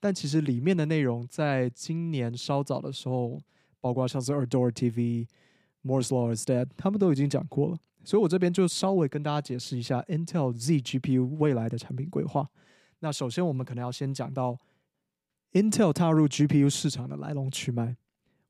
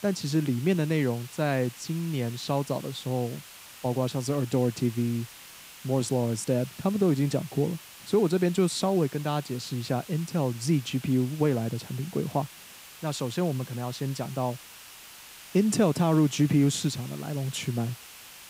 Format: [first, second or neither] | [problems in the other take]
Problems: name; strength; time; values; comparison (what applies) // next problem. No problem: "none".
first | hiss; noticeable; throughout; 15 dB below the speech